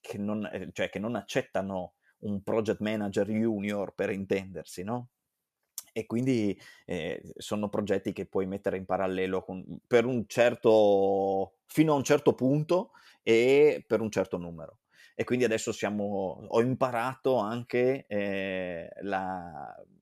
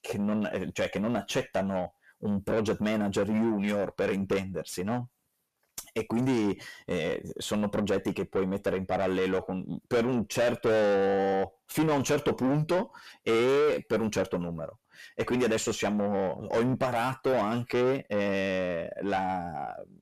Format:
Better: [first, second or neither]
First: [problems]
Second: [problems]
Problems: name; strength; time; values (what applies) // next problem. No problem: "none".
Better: first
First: none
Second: distortion; heavy; 6 dB below the speech